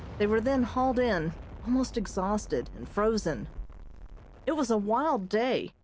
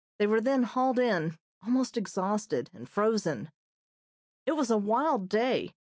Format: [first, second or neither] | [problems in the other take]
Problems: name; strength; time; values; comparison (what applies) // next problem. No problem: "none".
second | background sound (Explosion); 14 dB below the speech